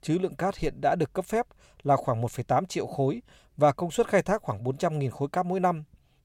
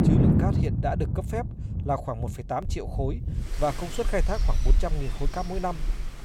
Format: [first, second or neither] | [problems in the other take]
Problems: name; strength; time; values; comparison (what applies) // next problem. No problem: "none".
first | rain or running water; very loud; throughout; 4 dB above the speech